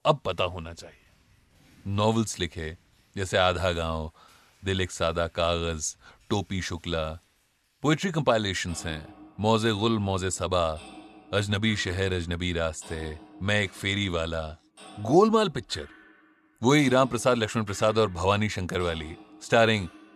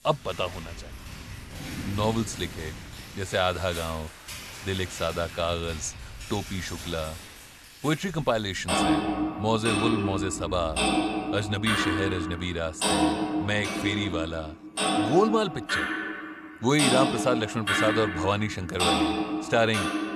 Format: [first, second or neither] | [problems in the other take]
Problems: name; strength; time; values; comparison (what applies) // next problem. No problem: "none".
first | household noises; loud; throughout; 1 dB below the speech; faint in the first